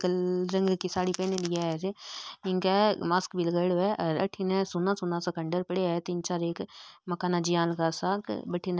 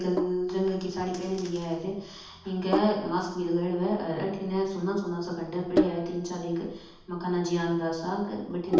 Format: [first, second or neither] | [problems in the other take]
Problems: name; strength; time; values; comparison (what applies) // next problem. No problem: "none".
first | background sound (Sink (filling or washing)); 6 dB below the speech // room echo; dies away in 0.8 s